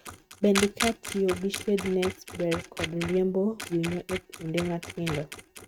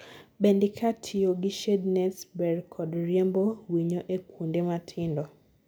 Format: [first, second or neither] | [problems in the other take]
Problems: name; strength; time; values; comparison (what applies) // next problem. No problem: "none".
second | noise reduction (neural mask model RNNoise)